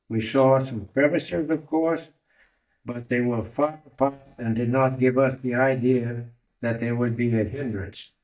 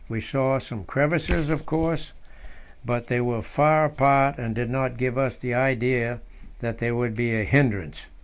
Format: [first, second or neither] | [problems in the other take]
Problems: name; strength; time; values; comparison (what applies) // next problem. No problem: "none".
second | noise reduction (neural mask model DeepFilterNet 3)